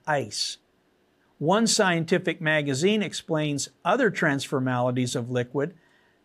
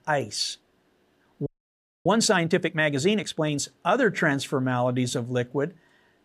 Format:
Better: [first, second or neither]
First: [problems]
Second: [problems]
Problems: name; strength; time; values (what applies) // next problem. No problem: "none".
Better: first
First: none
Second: audio freezing; at 1.5 s for 0.5 s